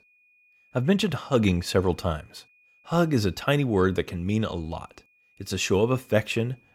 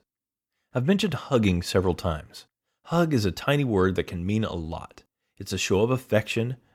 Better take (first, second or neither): second